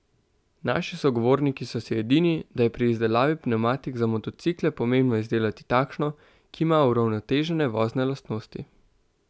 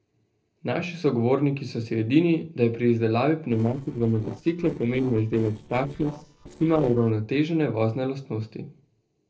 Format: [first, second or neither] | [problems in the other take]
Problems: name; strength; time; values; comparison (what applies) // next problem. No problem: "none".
first | noise reduction (neural separator model SepFormer DNS4)